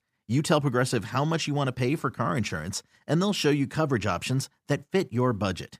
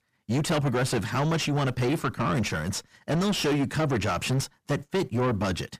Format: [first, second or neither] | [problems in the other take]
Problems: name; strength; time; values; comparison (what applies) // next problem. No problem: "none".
first | distortion; heavy; 6 dB below the speech